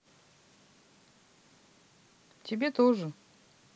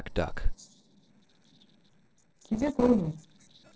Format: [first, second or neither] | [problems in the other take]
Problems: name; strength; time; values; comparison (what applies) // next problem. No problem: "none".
first | noise reduction (neural separator model SepFormer DNS4)